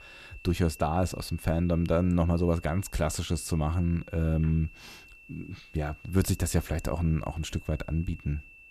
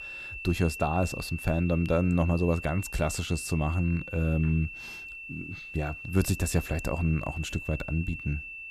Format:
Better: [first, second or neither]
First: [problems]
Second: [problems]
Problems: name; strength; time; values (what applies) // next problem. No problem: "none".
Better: first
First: high-pitched whine; faint; throughout; 2.5 kHz, 20 dB below the speech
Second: high-pitched whine; loud; throughout; 2.5 kHz, 10 dB below the speech